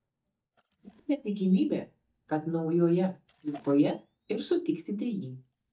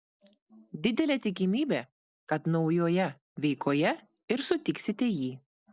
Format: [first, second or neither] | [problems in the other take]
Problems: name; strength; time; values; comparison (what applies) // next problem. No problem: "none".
second | noise reduction (neural mask model DeepFilterNet 3)